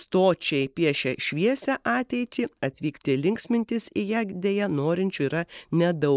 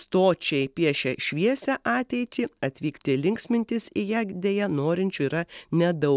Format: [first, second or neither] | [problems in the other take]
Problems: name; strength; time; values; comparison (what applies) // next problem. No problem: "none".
second | noise reduction (neural mask model Resemble Enhance denoiser)